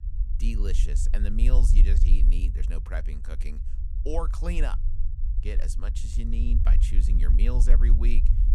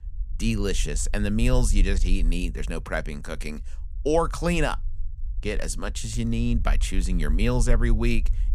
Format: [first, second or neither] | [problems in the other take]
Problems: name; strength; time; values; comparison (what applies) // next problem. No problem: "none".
second | low rumble; loud; throughout; 8 dB below the speech; faint in the second